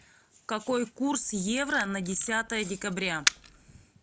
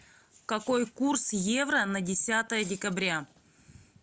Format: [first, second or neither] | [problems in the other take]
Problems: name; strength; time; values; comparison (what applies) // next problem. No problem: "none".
second | background sound (Camera); 5 dB below the speech